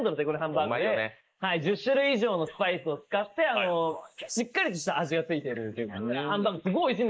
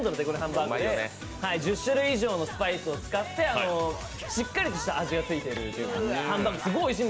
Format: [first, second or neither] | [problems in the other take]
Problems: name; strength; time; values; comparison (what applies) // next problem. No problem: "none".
second | noise reduction (neural mask model Resemble Enhance denoiser)